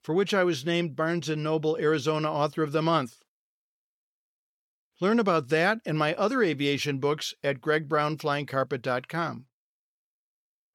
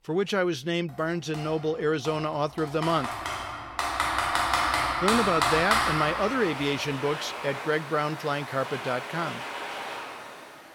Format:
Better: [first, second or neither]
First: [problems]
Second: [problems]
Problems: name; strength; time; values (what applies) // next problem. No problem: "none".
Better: first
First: none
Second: household noises; loud; throughout; 1 dB below the speech